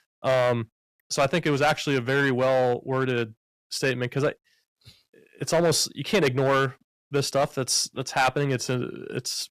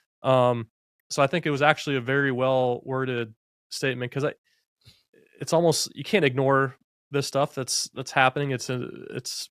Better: second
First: distortion; heavy; 5% of the sound clipped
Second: none

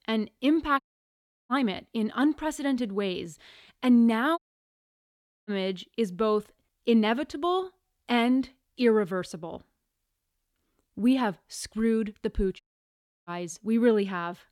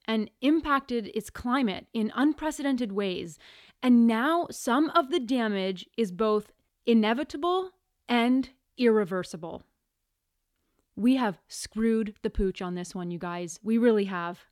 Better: second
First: audio cutting out; at 1 s for 0.5 s, at 4.5 s for 1 s and at 13 s for 0.5 s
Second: none

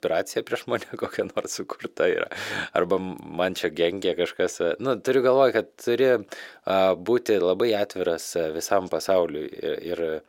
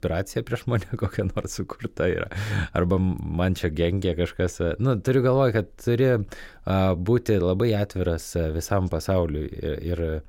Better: second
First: thin; somewhat; fading below 400 Hz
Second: none

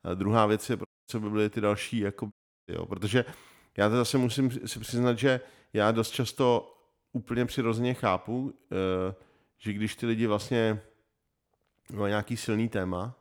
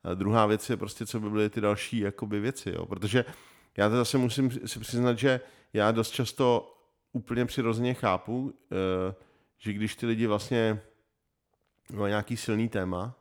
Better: second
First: audio cutting out; at 1 s and at 2.5 s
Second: none

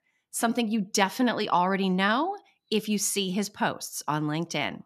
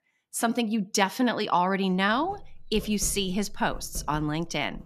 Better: first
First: none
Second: household noises; noticeable; from 2 s on; 20 dB below the speech

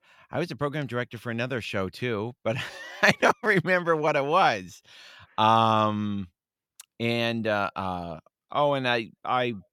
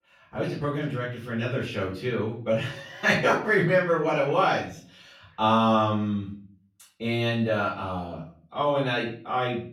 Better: first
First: none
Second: room echo; noticeable; dies away in 0.4 s // off-mic speech; far

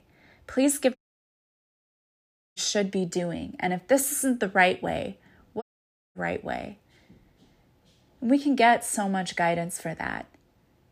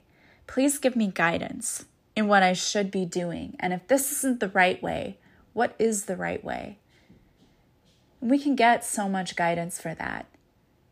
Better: second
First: audio cutting out; at 1 s for 1.5 s and at 5.5 s for 0.5 s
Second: none

